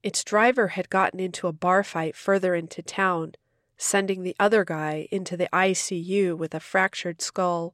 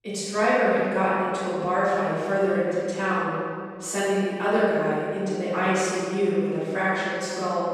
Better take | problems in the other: first | off-mic speech; far // room echo; strong; dies away in 2.3 s

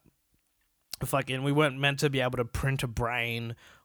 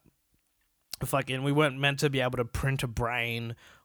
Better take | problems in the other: neither | none

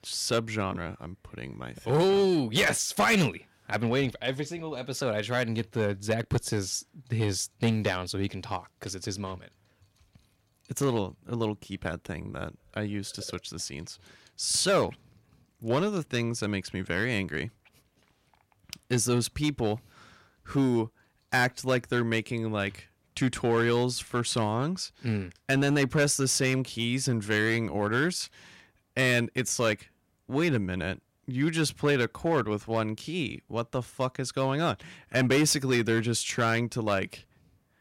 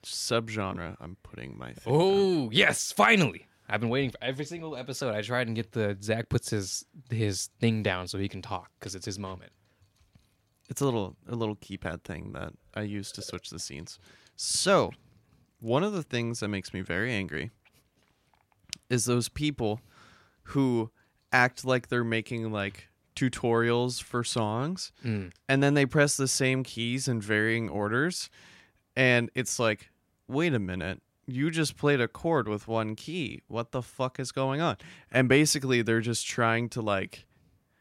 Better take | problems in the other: second | distortion; slight; 3% of the sound clipped

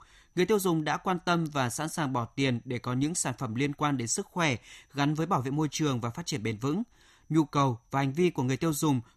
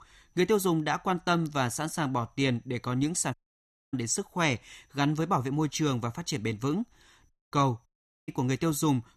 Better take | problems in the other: first | audio cutting out; at 3.5 s for 0.5 s, at 7.5 s and at 8 s

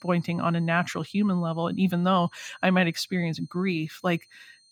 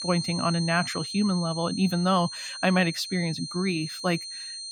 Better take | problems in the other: first | high-pitched whine; loud; throughout; 4 kHz, 7 dB below the speech; faint in the first

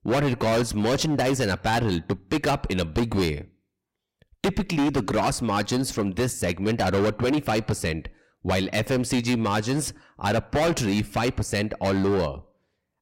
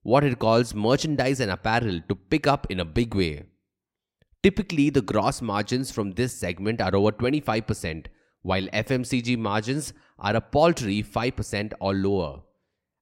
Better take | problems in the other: second | distortion; heavy; 18% of the sound clipped

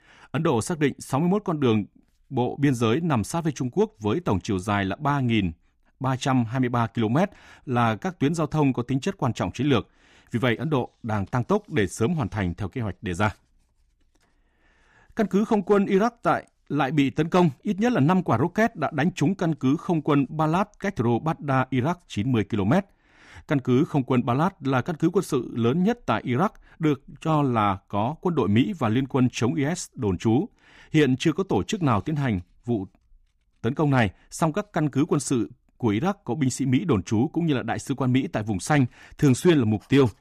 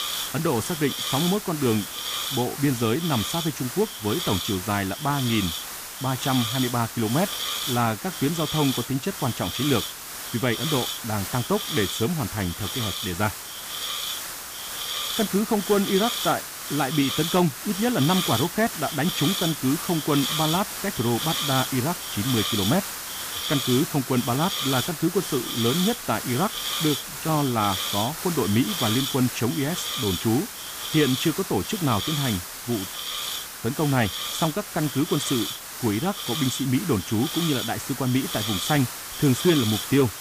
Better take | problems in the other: first | hiss; loud; throughout; 3 dB below the speech

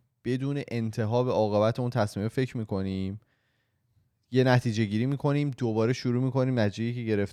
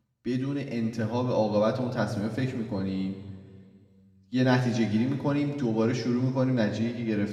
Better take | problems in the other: first | room echo; noticeable; dies away in 2 s // off-mic speech; somewhat distant

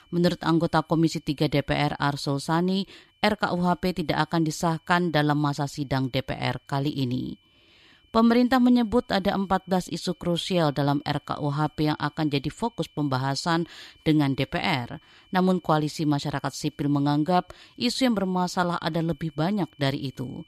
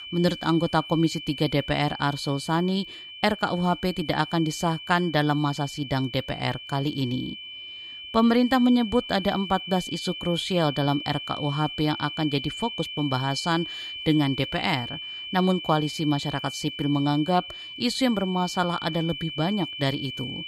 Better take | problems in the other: first | high-pitched whine; loud; throughout; 3 kHz, 9 dB below the speech; faint in the first

